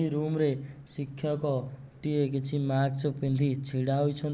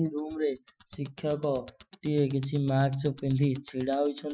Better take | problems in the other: first | noise reduction (classical method Wiener filter)

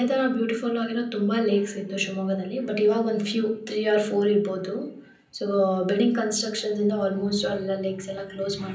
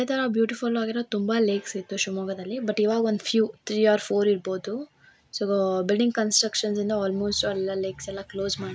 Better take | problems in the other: second | room echo; dies away in 0.6 s

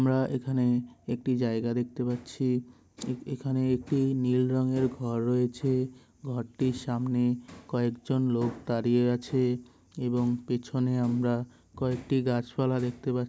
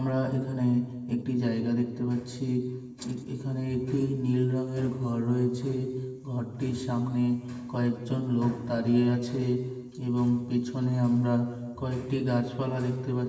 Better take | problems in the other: first | room echo; dies away in 1.4 s

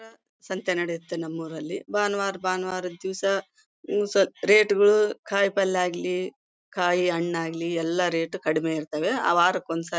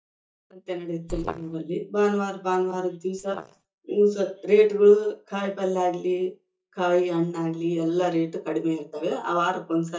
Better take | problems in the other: first | noise reduction (neural mask model DeepFilterNet 3)

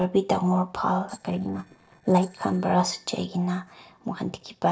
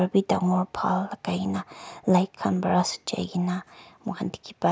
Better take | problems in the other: second | noise reduction (neural separator model SepFormer DNS4)

